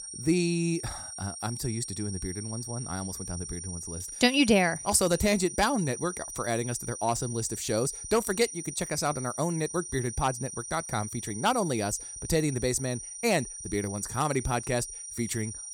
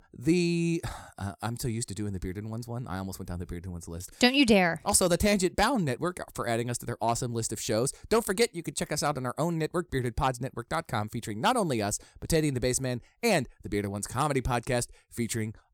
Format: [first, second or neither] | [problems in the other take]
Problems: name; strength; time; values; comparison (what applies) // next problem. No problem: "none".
second | high-pitched whine; loud; throughout; 9 kHz, 8 dB below the speech